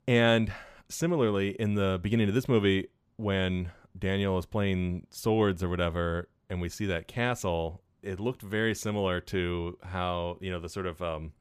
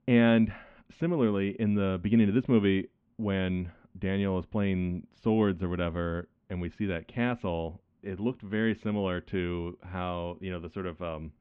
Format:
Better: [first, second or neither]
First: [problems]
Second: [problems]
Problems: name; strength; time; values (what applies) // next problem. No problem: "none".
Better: first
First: none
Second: muffled; very; fading above 3 kHz